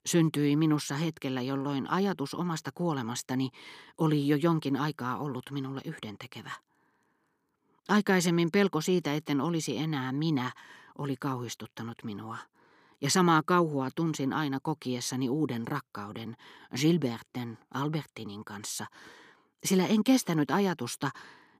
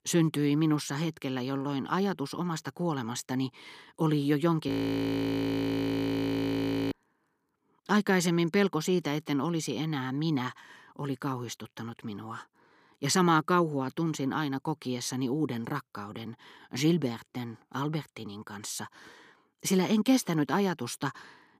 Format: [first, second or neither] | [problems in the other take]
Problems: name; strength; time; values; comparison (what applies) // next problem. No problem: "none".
first | audio freezing; at 4.5 s for 2 s